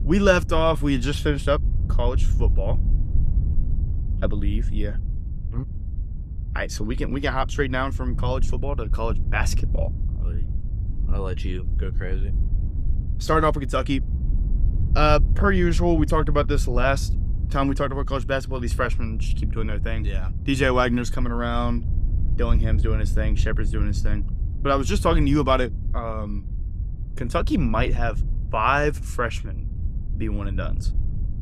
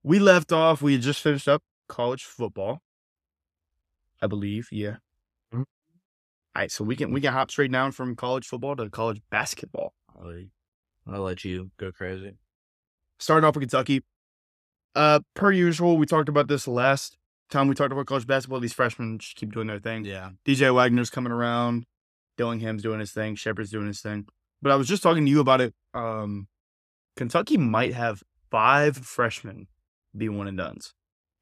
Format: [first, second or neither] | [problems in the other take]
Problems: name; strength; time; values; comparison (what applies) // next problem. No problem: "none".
second | wind noise on the microphone; occasional gusts; 20 dB below the speech